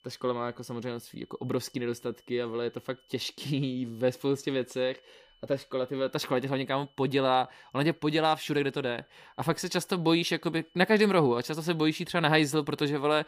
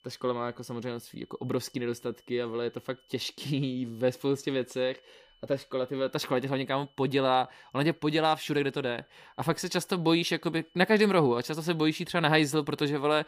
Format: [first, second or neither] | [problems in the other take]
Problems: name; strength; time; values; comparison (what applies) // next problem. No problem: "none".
neither | high-pitched whine; faint; throughout; 3 kHz, 35 dB below the speech; the same in both